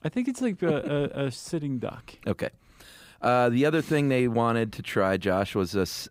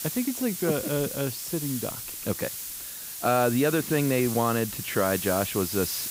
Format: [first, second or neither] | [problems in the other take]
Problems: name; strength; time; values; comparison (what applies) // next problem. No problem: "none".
first | hiss; loud; throughout; 5 dB below the speech